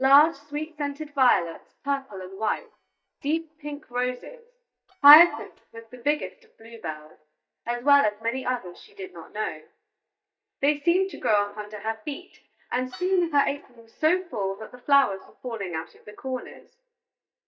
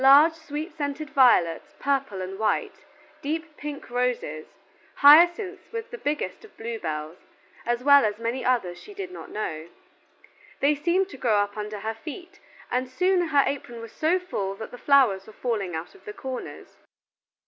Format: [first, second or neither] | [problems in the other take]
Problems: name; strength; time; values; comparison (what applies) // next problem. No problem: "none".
second | noise reduction (neural mask model DeepFilterNet 3)